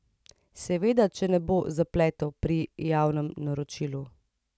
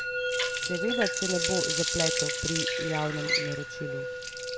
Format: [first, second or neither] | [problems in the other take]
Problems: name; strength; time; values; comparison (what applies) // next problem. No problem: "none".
first | background sound (Water tap, faucet + Musical instrument); 3 dB above the speech